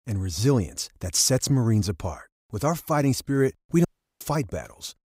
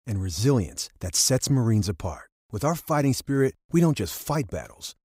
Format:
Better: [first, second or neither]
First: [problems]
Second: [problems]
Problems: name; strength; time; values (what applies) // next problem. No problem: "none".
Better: second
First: audio cutting out; at 4 s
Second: none